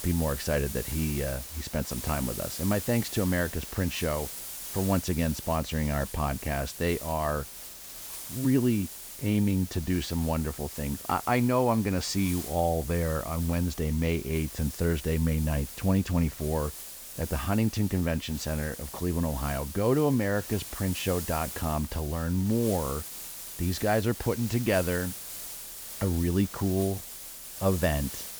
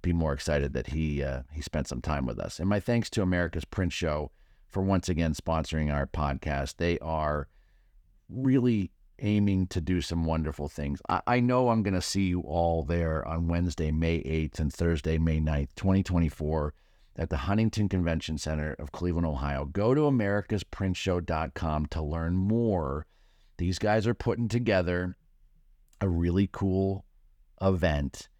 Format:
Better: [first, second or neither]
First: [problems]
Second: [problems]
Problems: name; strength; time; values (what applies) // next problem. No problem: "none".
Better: second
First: hiss; loud; throughout; 9 dB below the speech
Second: none